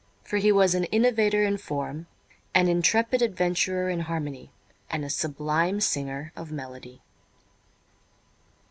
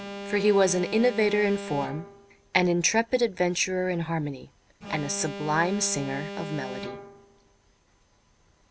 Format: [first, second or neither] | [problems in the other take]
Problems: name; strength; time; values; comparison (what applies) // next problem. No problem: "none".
first | background sound (Alarm); 12 dB below the speech